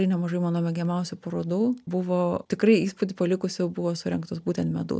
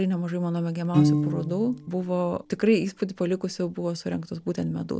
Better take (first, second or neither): first